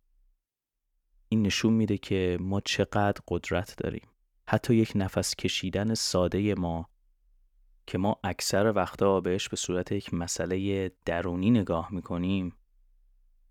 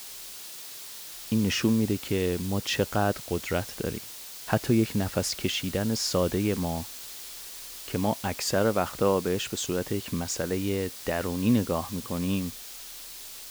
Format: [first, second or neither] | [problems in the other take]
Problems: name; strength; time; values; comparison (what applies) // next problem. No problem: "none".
first | hiss; noticeable; throughout; 10 dB below the speech